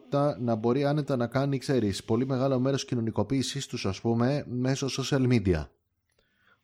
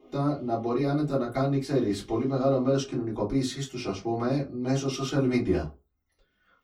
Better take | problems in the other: first | off-mic speech; far // room echo; very slight; dies away in 0.2 s

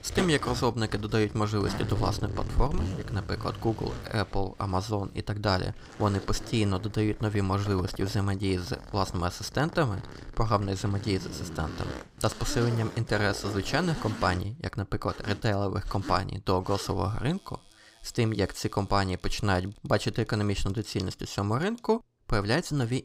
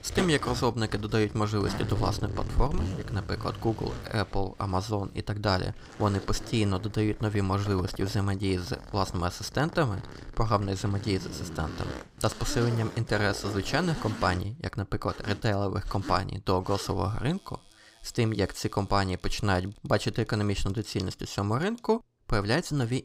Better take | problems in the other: neither | household noises; noticeable; throughout; 10 dB below the speech; the same in both

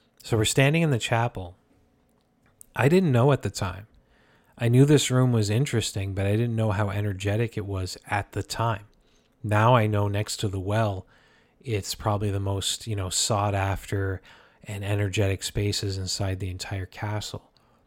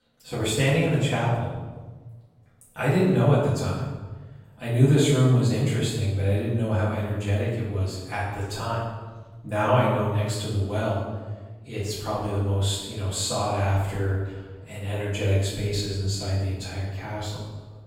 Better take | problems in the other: first | off-mic speech; far // room echo; noticeable; dies away in 1.2 s

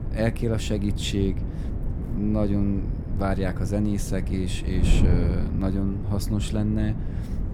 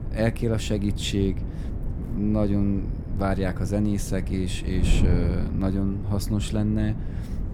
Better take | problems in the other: second | wind noise on the microphone; heavy; 8 dB below the speech; occasional gusts in the second

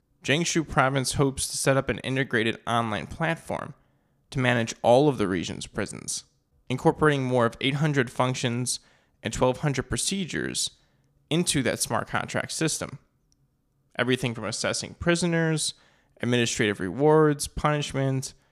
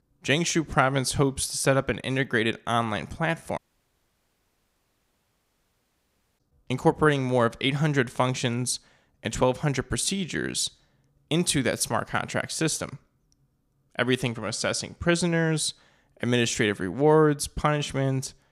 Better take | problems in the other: first | audio cutting out; at 3.5 s for 3 s

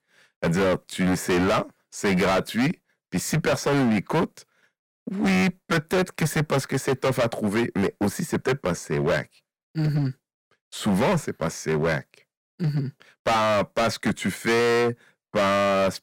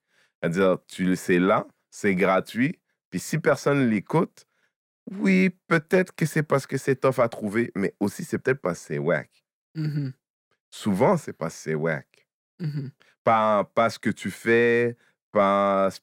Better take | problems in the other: second | distortion; heavy; 18% of the sound clipped

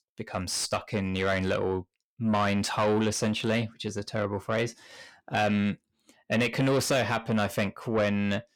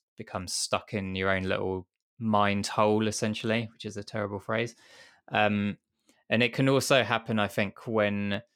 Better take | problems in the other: second | distortion; heavy; 8 dB below the speech

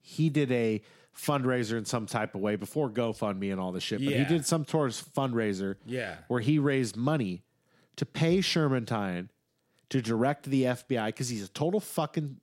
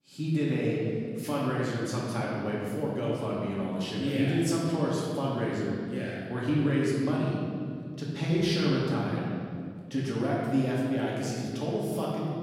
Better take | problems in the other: first | room echo; strong; dies away in 2.2 s // off-mic speech; far

